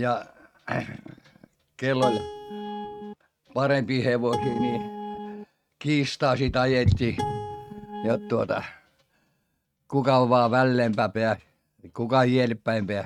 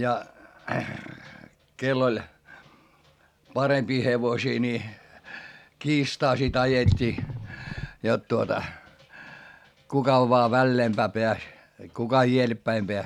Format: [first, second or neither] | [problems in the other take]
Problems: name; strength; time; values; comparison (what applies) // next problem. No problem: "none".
second | noise reduction (neural mask model RNNoise)